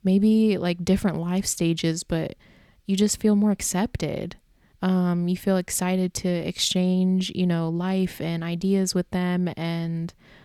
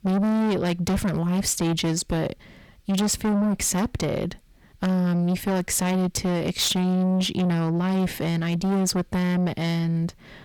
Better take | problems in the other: first | distortion; heavy; 7 dB below the speech

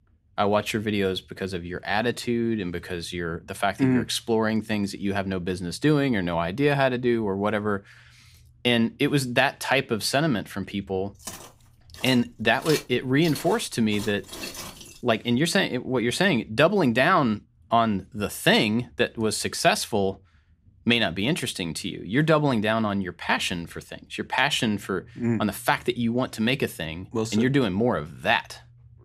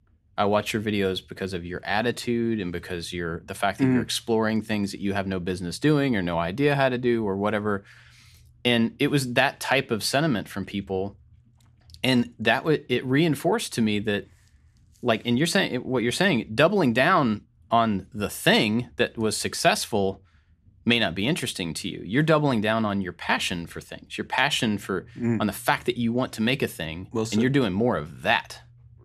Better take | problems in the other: second | footsteps; noticeable; from 11 to 15 s; peak 8 dB below the speech

